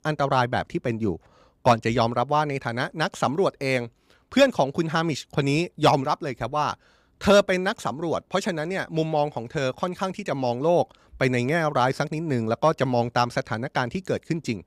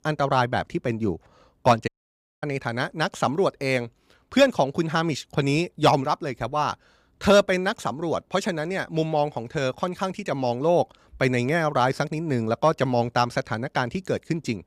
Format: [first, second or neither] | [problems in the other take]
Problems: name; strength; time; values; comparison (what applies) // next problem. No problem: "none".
first | audio cutting out; at 2 s for 0.5 s